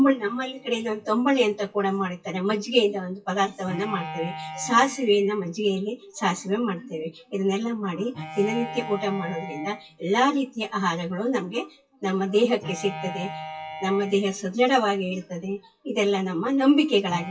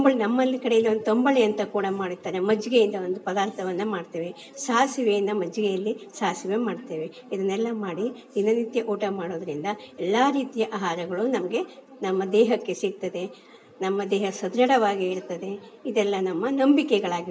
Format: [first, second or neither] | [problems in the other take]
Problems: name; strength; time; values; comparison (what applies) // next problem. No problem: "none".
second | noise reduction (classical method WPE with log-MMSE)